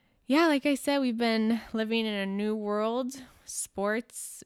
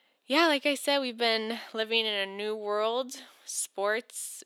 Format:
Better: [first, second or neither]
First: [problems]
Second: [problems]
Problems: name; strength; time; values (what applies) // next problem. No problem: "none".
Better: first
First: none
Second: thin; somewhat; fading below 350 Hz